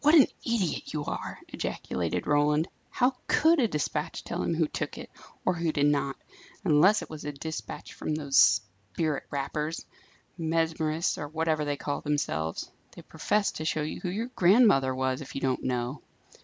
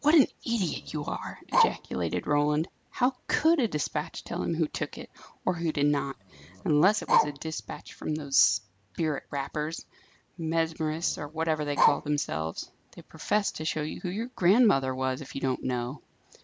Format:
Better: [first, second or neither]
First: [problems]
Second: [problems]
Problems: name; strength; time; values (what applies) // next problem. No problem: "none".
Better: first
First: none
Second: background sound (Bark); 3 dB below the speech